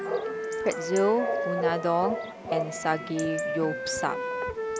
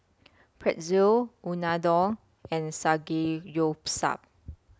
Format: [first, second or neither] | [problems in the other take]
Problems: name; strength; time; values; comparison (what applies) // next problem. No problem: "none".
second | background sound (Wind instrument, woodwind instrument + Bark / Chatter / Chirp, tweet / Livestock, farm animals, working animals); 1 dB below the speech